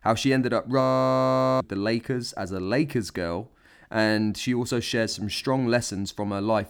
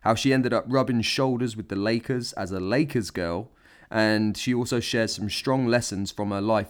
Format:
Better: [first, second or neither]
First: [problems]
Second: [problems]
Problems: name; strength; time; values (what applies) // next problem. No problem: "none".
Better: second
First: audio freezing; at 1 s for 1 s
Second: none